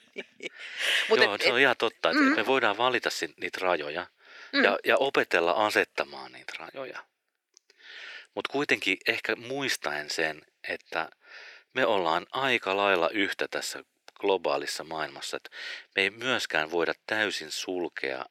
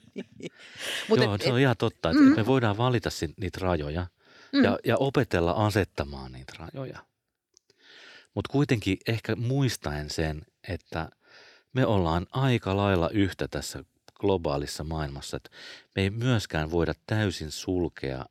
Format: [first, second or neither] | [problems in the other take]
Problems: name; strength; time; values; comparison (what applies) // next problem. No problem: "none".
second | thin; somewhat; fading below 500 Hz